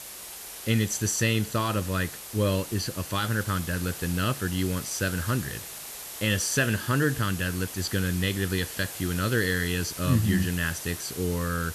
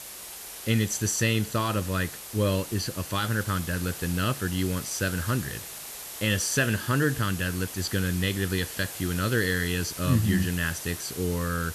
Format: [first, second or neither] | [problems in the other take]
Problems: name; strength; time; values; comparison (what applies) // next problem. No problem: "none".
neither | hiss; loud; throughout; 9 dB below the speech; the same in both